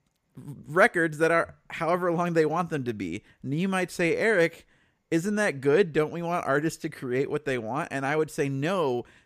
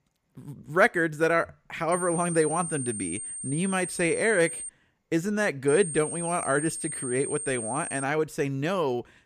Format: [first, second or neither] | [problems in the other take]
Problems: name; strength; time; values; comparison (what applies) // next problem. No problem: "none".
first | high-pitched whine; loud; from 2 to 4.5 s and from 5.5 to 8 s; 8.5 kHz, 6 dB below the speech